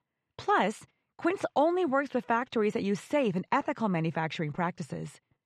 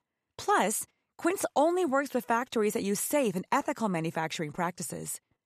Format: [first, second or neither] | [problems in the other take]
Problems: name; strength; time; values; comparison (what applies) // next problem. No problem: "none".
second | muffled; slightly; fading above 3 kHz